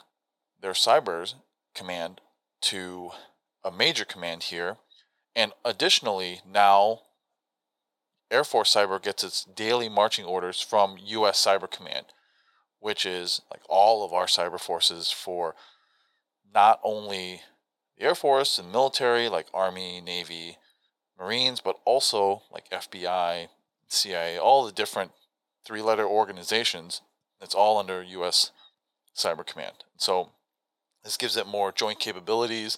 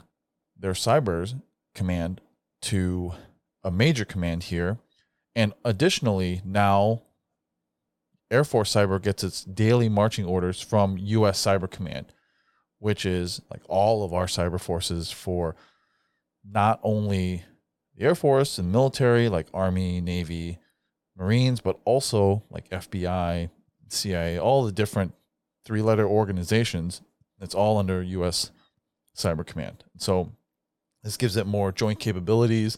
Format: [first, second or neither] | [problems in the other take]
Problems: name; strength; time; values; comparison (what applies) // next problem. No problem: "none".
second | thin; very; fading below 500 Hz